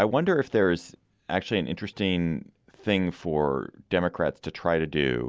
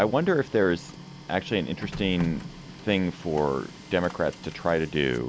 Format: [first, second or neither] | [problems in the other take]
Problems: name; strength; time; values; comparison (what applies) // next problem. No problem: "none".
first | background sound (Printer); 14 dB below the speech